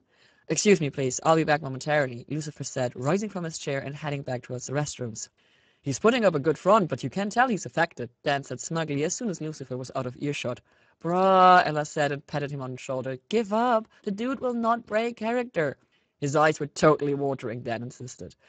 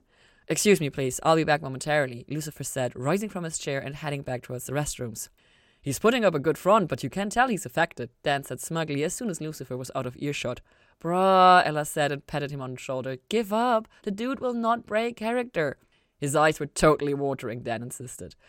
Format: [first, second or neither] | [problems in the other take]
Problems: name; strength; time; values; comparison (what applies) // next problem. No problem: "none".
second | garbled, watery; badly; nothing above 7.5 kHz